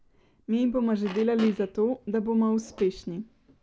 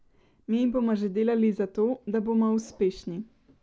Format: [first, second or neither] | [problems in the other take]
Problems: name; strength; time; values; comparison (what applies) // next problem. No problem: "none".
second | background sound (Fart); 18 dB below the speech